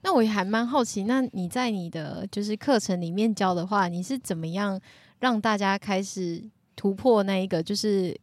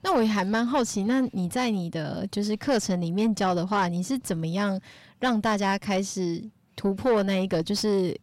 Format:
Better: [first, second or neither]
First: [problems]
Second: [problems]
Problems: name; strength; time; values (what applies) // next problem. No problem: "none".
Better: first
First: none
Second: distortion; slight; 10 dB below the speech